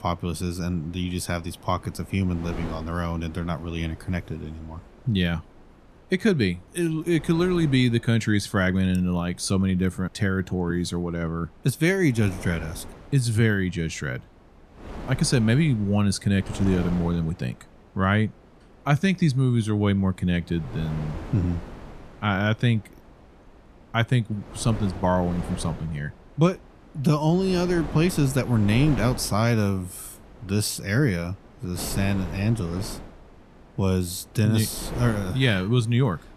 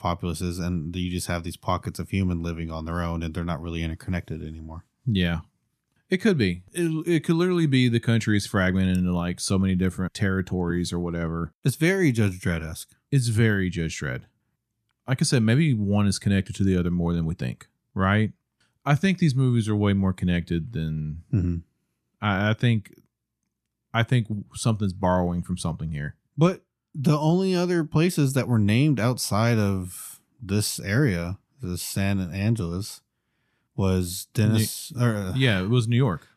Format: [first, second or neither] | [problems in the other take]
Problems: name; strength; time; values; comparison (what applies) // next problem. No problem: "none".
second | wind noise on the microphone; occasional gusts; 15 dB below the speech